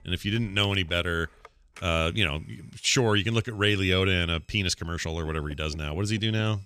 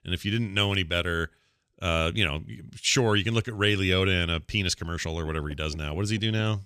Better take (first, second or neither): second